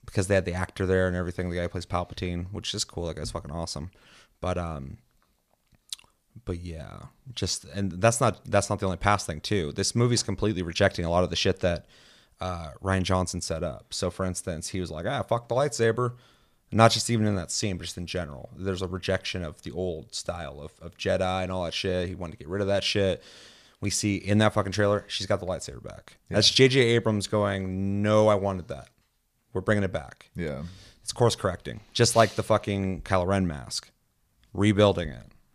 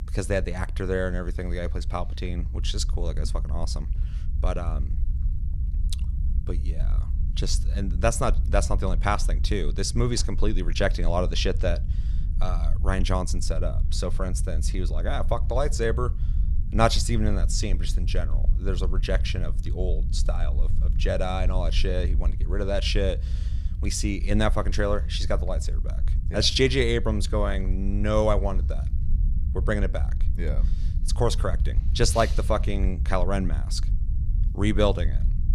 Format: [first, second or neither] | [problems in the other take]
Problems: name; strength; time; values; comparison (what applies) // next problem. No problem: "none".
first | low rumble; noticeable; throughout; 20 dB below the speech